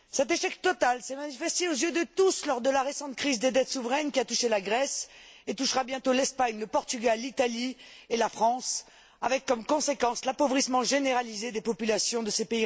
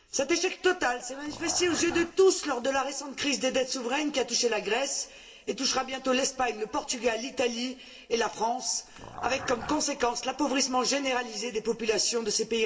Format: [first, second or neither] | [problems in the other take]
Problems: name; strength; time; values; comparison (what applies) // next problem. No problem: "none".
first | background sound (Dog); 12 dB below the speech // room echo; dies away in 1.5 s